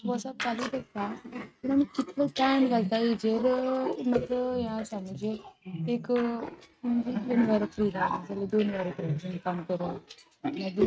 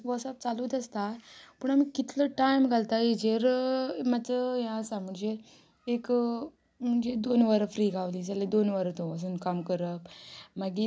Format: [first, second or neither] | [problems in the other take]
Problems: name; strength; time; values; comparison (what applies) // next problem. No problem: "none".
second | noise reduction (neural mask model RNNoise)